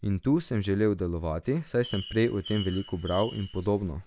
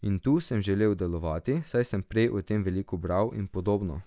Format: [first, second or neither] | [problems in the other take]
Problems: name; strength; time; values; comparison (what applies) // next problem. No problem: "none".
second | background sound (Bird); 16 dB below the speech